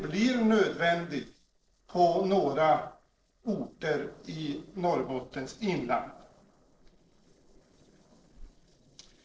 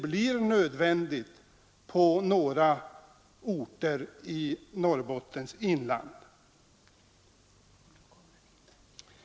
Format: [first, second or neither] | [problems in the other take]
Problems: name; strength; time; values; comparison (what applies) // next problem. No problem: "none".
second | noise reduction (neural separator model SepFormer DNS4)